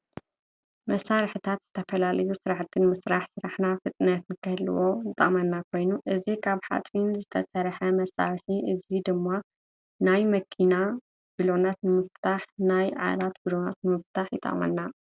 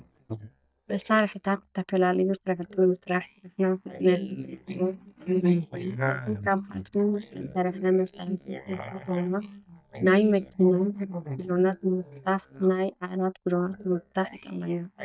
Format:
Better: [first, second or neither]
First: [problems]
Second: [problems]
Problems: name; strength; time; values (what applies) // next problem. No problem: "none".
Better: first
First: none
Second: noise reduction (neural mask model DeepFilterNet 3)